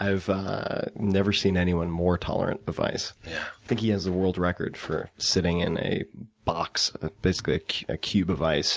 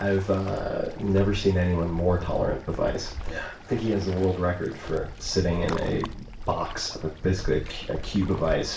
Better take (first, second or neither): first